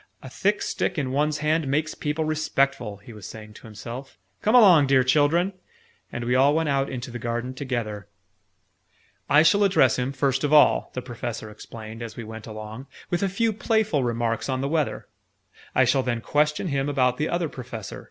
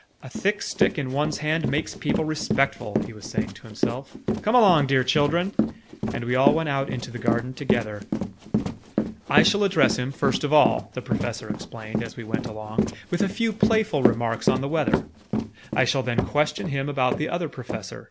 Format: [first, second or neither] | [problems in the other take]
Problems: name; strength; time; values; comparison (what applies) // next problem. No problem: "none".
first | background sound (Run); 2 dB below the speech